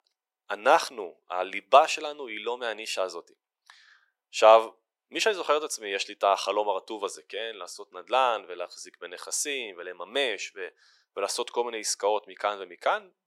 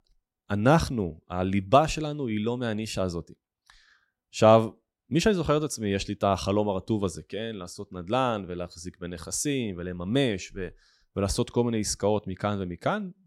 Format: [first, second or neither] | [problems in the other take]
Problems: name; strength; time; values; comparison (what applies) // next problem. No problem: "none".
second | thin; very; fading below 450 Hz